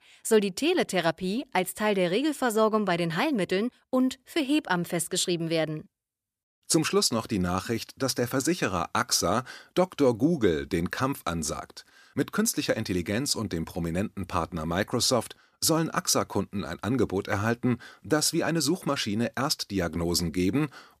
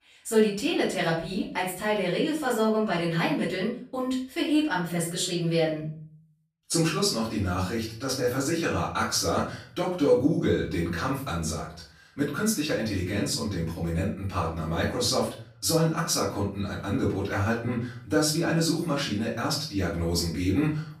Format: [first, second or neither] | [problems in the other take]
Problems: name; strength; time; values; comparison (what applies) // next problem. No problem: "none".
first | off-mic speech; far // room echo; noticeable; dies away in 0.5 s